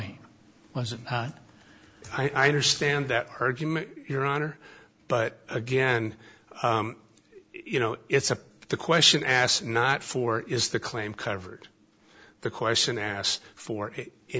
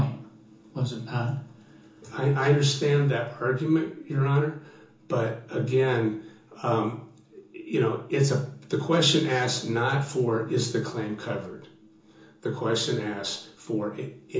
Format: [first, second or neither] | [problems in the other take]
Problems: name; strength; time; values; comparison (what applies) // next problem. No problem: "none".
first | room echo; dies away in 0.7 s